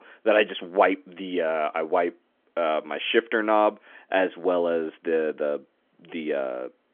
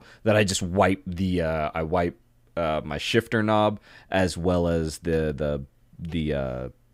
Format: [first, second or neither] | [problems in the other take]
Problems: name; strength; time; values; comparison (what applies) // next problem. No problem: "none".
second | phone-call audio; nothing above 3.5 kHz